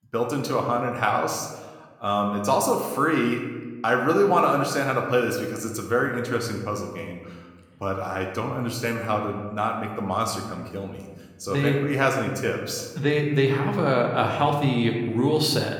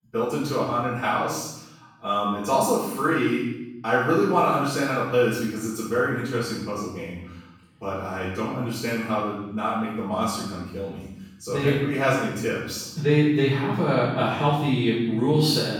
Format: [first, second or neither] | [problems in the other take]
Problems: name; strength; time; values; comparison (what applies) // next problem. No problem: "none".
first | room echo; strong; dies away in 0.9 s; slight in the first // off-mic speech; far